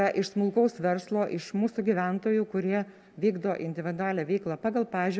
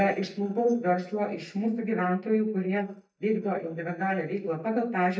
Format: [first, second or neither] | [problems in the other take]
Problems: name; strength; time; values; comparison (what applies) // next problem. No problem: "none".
first | noise reduction (neural mask model DeepFilterNet 3)